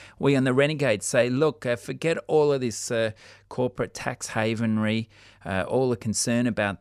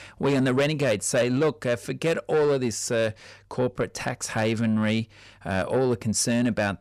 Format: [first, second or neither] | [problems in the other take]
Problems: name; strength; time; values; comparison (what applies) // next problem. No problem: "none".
first | distortion; slight; 10 dB below the speech